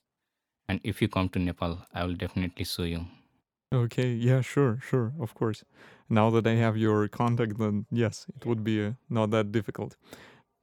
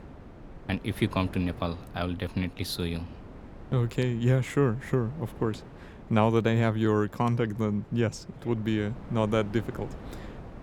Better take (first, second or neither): first